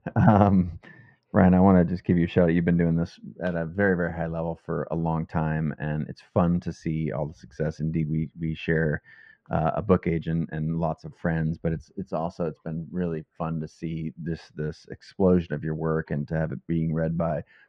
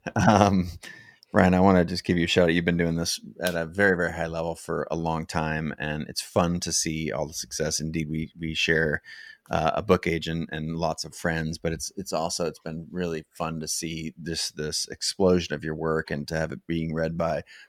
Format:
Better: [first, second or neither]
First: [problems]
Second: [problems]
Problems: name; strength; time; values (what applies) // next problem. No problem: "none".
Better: second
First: muffled; very; fading above 1.5 kHz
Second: none